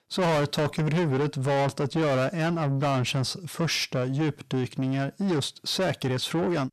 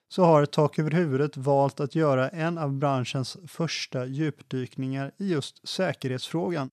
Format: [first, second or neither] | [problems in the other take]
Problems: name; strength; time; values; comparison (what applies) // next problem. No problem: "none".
second | distortion; heavy; 6 dB below the speech